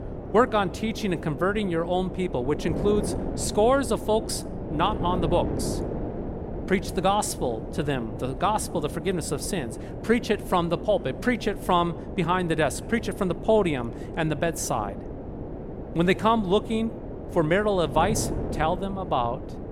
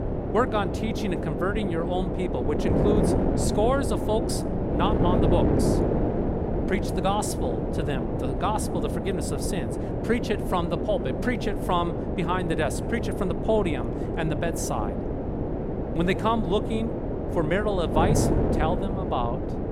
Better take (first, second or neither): first